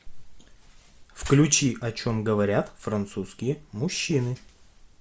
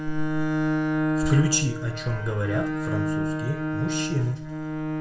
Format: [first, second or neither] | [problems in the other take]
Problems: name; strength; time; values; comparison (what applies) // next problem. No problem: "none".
first | background sound (Bowed string instrument); as loud as the speech // room echo; dies away in 0.4 s